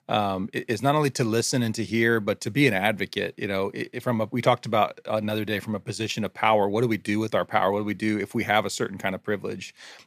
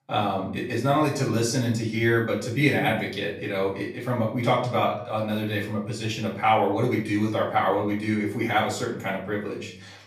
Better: first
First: none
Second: off-mic speech; far // room echo; slight; dies away in 0.5 s

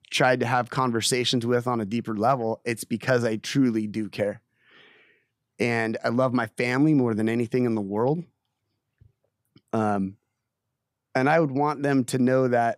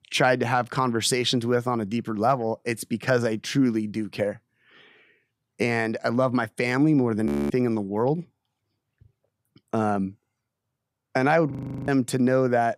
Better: first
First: none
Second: audio freezing; at 7.5 s and at 12 s

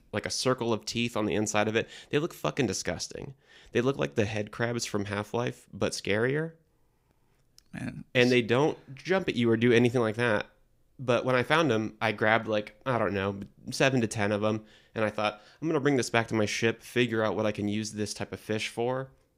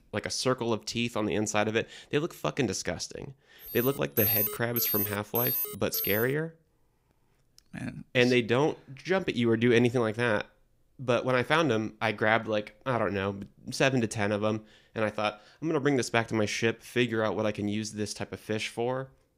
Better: first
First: none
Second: alarm; loud; from 3.5 to 6 s; peak 4 dB above the speech

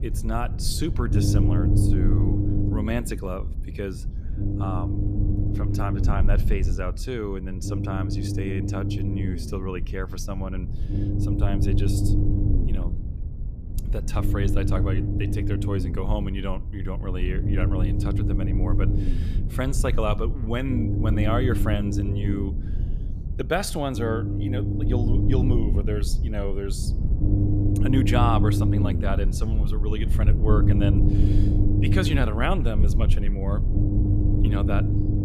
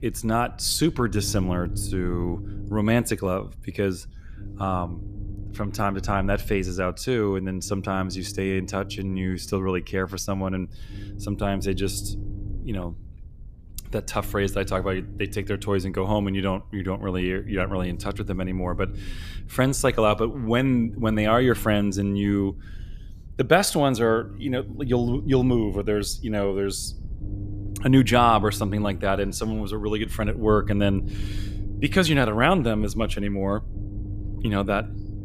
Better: second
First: low rumble; loud; throughout; 3 dB below the speech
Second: low rumble; faint; throughout; 20 dB below the speech

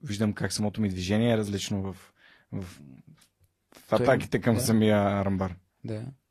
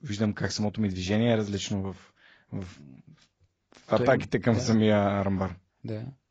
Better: first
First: garbled, watery; slightly; nothing above 13.5 kHz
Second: garbled, watery; badly

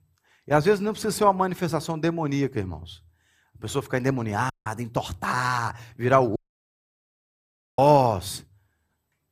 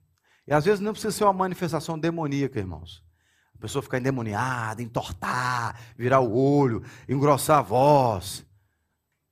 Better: second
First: audio cutting out; at 4.5 s and at 6.5 s for 1.5 s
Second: none

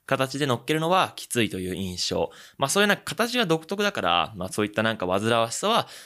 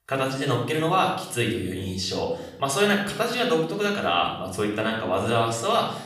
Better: first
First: none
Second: off-mic speech; far // room echo; noticeable; dies away in 0.7 s

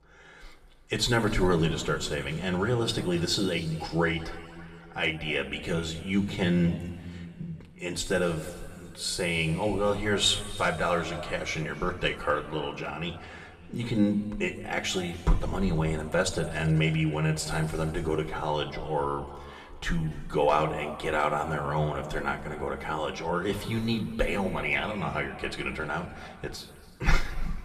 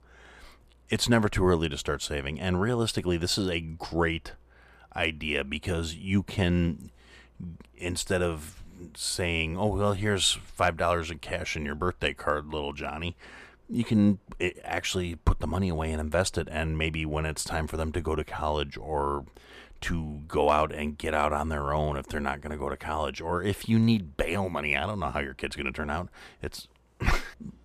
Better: second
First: room echo; noticeable; dies away in 2.2 s // off-mic speech; somewhat distant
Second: none

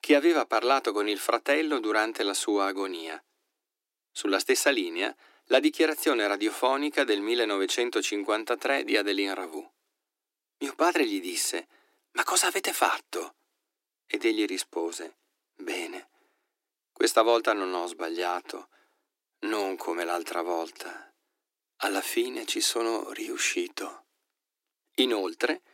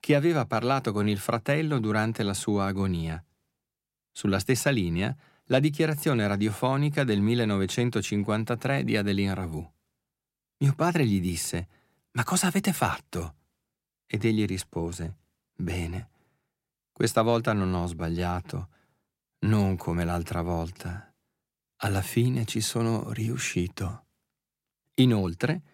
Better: second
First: thin; somewhat; fading below 300 Hz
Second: none

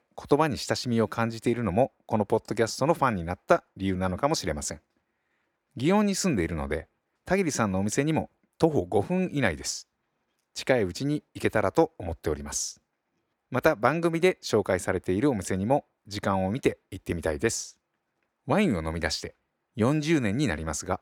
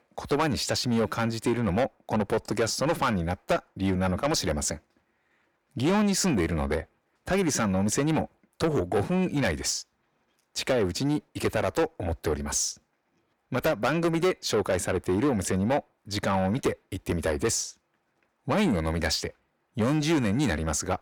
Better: first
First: none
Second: distortion; heavy; 7 dB below the speech

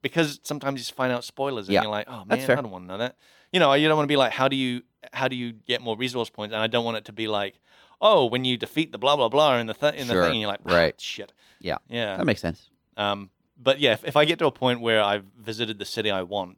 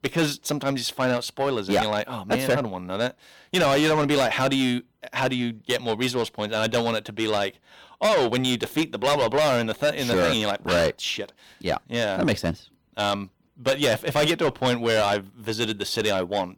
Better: first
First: none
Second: distortion; heavy; 6 dB below the speech

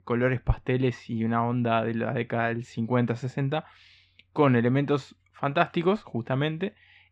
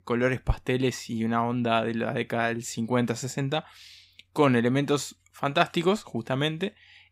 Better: second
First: muffled; slightly; fading above 2.5 kHz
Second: none

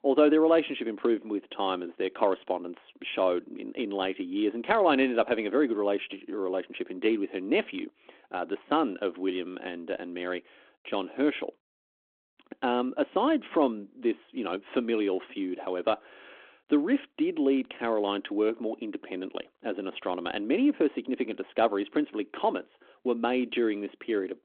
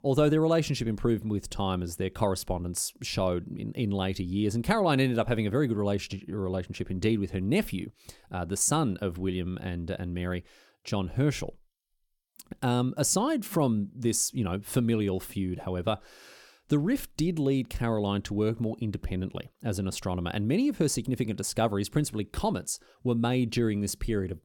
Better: second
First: phone-call audio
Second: none

